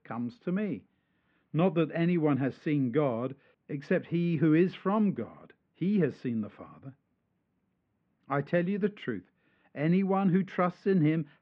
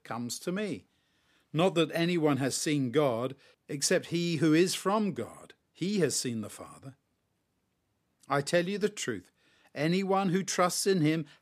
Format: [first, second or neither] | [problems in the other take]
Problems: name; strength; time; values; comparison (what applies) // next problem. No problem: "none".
second | muffled; very; fading above 2.5 kHz